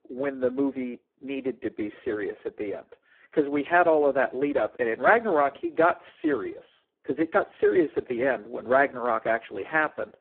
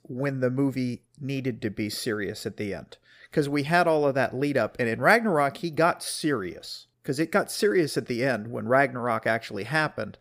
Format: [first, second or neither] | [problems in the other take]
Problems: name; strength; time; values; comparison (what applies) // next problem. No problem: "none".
second | phone-call audio; poor line; nothing above 3.5 kHz